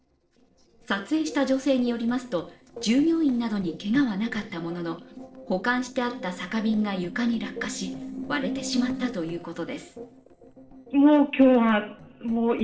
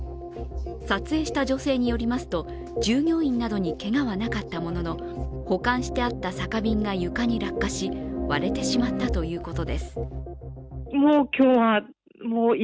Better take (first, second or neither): second